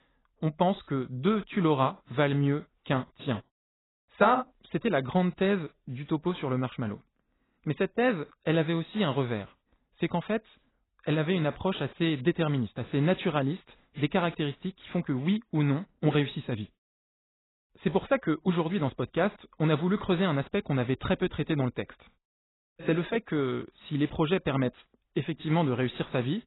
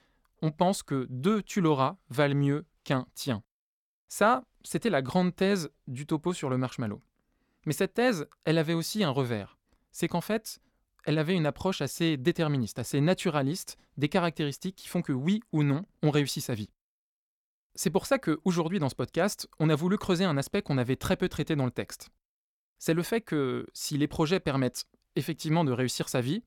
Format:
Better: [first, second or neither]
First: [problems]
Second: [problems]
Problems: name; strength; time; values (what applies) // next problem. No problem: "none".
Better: second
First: garbled, watery; badly; nothing above 4 kHz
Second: none